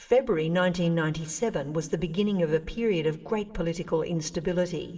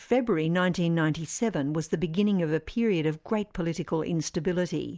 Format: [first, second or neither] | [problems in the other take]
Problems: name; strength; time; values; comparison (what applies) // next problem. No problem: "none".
second | room echo; dies away in 2.3 s